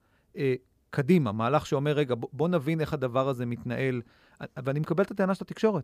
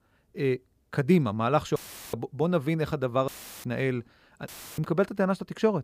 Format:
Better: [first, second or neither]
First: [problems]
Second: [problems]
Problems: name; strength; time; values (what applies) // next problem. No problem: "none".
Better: first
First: none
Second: audio cutting out; filled with static; at 2 s, at 3.5 s and at 4.5 s